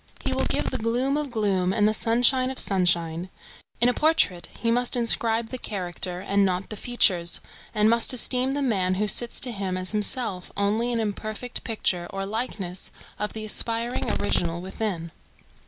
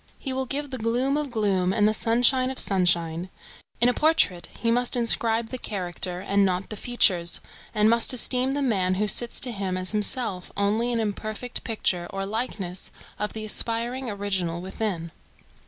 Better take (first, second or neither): second